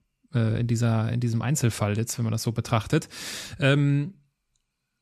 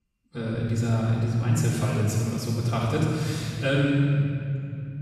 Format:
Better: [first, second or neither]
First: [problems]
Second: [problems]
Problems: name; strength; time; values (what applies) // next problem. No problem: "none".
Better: first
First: none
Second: off-mic speech; far // room echo; strong; dies away in 3 s